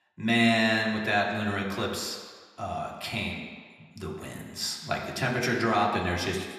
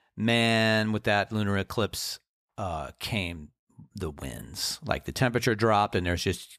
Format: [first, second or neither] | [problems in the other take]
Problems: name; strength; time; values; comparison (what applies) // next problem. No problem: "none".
second | room echo; noticeable; dies away in 1.4 s // off-mic speech; somewhat distant